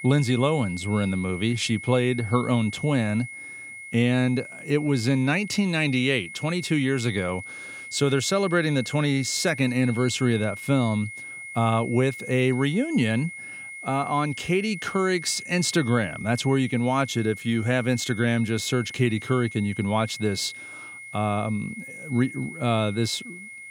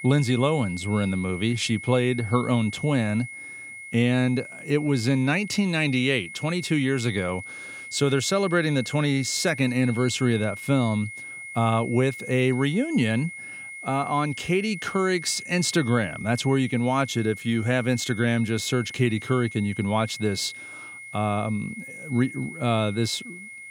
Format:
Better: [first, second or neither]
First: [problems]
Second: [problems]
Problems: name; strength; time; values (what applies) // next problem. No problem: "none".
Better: neither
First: high-pitched whine; noticeable; throughout; 2 kHz, 10 dB below the speech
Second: high-pitched whine; noticeable; throughout; 2 kHz, 10 dB below the speech